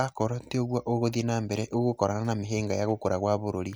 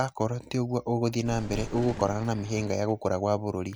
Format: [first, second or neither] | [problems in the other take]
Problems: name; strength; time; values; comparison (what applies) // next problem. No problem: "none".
first | background sound (Thunder); 10 dB below the speech